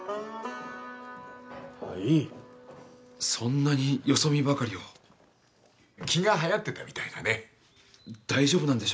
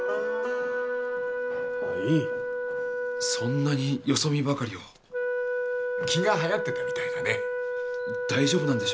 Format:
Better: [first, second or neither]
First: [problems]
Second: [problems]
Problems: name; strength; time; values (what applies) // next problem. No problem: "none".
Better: first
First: none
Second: background sound (Wind instrument, woodwind instrument); as loud as the speech